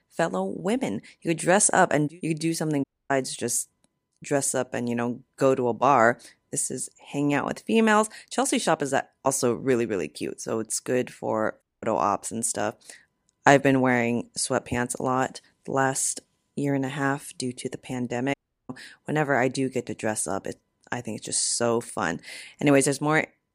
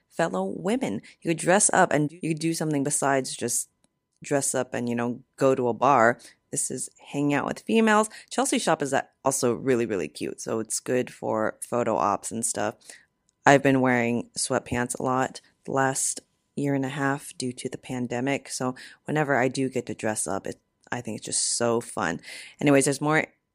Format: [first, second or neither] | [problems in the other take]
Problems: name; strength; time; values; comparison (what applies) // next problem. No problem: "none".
second | audio cutting out; at 3 s, at 12 s and at 18 s